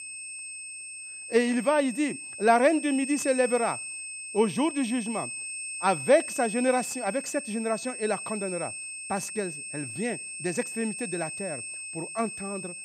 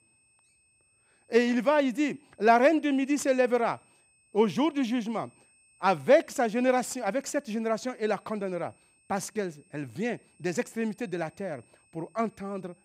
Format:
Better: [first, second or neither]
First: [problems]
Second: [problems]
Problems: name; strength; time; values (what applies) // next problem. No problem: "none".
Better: second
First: high-pitched whine; loud; throughout; 8.5 kHz, 7 dB below the speech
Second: high-pitched whine; faint; throughout; 8.5 kHz, 35 dB below the speech